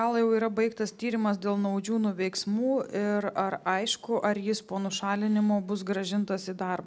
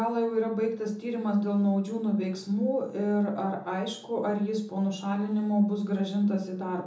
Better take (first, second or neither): first